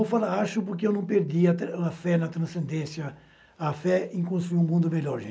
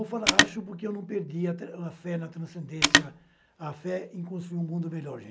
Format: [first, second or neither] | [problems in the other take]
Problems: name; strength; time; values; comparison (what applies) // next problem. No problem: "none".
first | background sound (Telephone); 4 dB above the speech